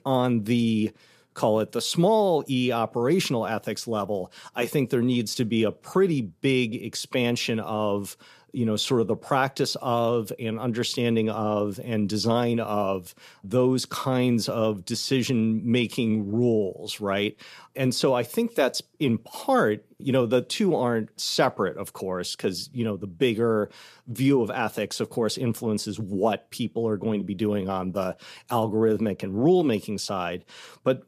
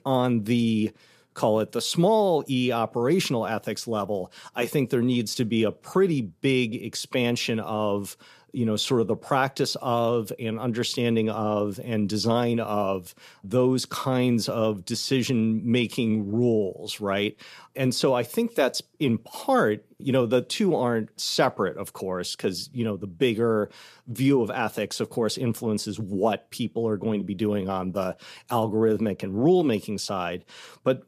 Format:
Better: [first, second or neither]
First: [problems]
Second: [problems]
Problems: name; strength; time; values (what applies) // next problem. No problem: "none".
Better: neither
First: none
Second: none